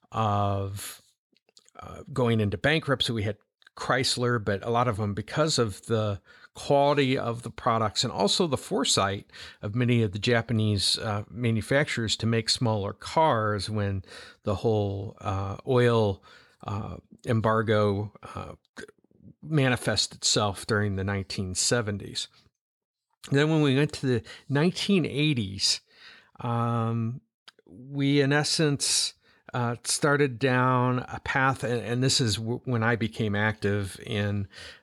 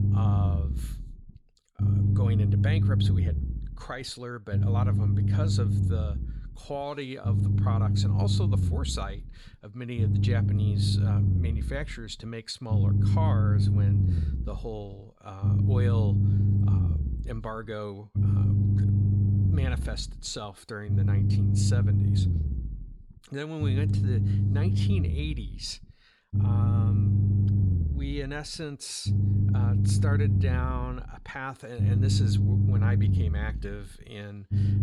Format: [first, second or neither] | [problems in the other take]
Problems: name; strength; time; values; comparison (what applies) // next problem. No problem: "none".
first | low rumble; loud; throughout; as loud as the speech